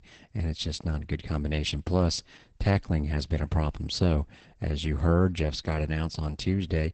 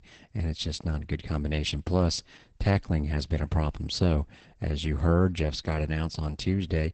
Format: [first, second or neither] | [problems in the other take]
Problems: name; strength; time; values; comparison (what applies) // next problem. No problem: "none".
neither | garbled, watery; badly; nothing above 8 kHz; the same in both